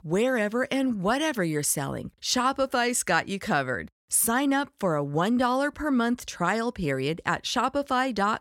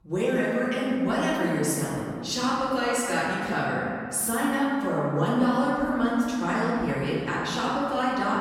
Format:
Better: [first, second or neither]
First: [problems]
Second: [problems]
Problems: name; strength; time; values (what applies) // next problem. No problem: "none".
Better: first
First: none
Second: off-mic speech; far // room echo; strong; dies away in 2.2 s